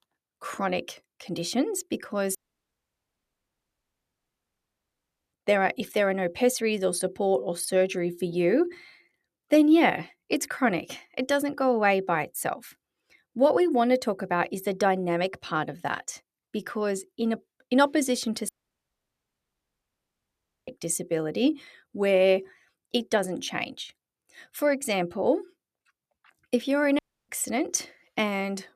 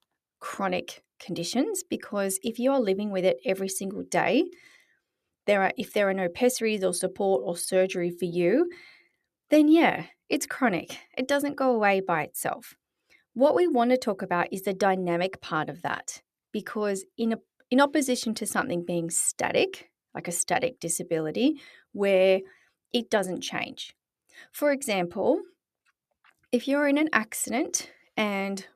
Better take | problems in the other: second | audio cutting out; at 2.5 s for 3 s, at 18 s for 2 s and at 27 s

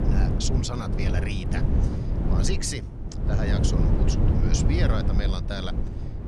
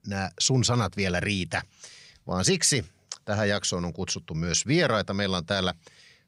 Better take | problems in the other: second | wind noise on the microphone; heavy; 2 dB below the speech

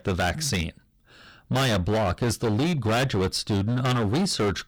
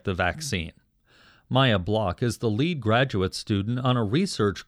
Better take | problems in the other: second | distortion; heavy; 23% of the sound clipped

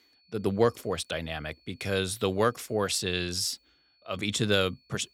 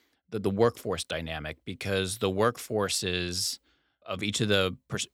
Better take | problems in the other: second | high-pitched whine; faint; throughout; 4.5 kHz, 35 dB below the speech

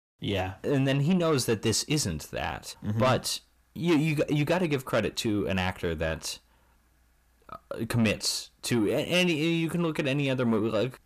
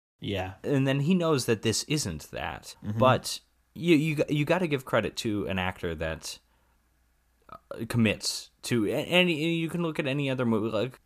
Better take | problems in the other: second | distortion; slight; 10 dB below the speech

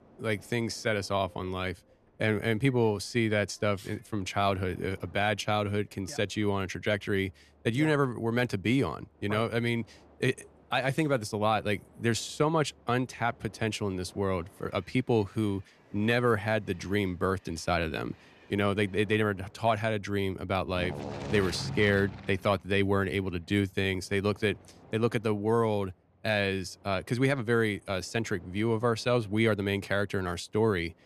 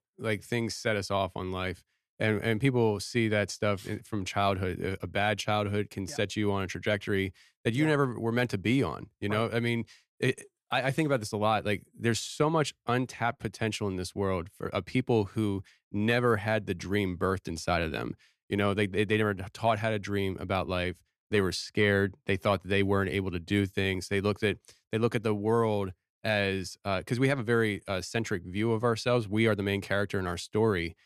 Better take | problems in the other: second | train or aircraft noise; noticeable; throughout; 20 dB below the speech

